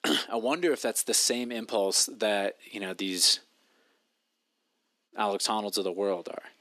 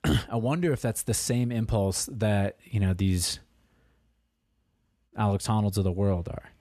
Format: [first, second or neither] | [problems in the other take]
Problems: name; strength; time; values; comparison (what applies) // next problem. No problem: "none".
second | thin; somewhat; fading below 300 Hz